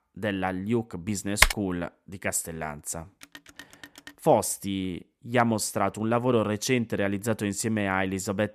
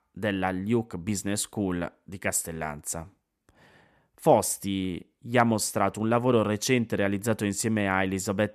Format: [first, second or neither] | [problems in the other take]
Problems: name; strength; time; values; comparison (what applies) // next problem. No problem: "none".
second | keyboard typing; loud; at 1.5 s; peak 6 dB above the speech // phone ringing; faint; at 3 s; peak 20 dB below the speech